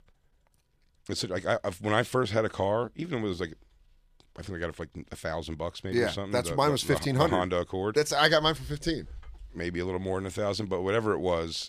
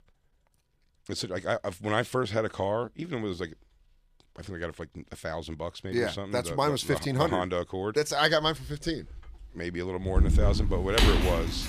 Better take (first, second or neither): first